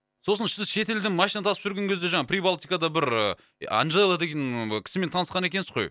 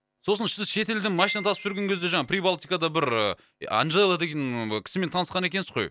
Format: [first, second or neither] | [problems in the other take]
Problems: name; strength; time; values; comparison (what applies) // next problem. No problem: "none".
first | background sound (Piano); 14 dB below the speech